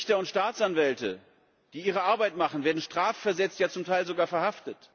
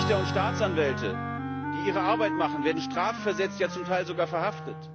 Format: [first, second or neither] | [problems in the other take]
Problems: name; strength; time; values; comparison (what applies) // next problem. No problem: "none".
first | background sound (Wind instrument, woodwind instrument + Strum); 3 dB below the speech